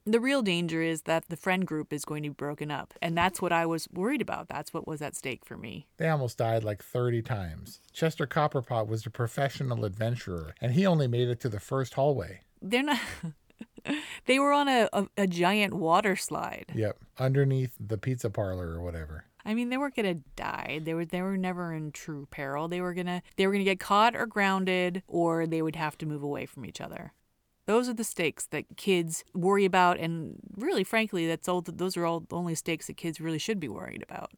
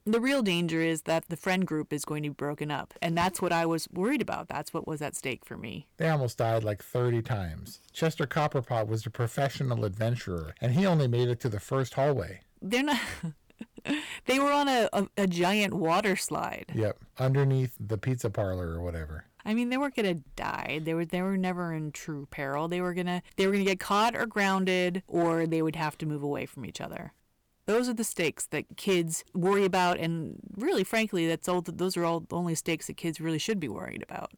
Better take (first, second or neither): first